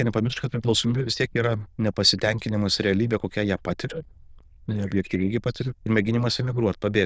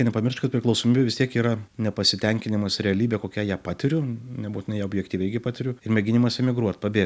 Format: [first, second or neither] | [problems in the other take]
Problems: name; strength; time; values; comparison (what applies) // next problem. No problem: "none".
second | noise reduction (neural diffusion model UNIVERSE++)